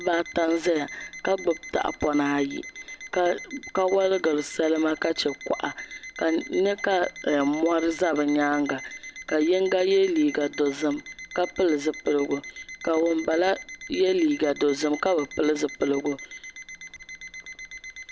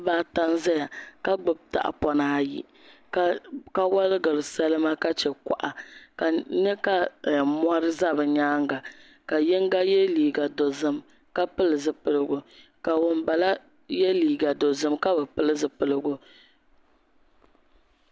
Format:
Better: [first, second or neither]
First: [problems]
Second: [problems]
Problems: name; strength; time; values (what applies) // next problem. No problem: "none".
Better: second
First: background sound (Alarm); 16 dB below the speech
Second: none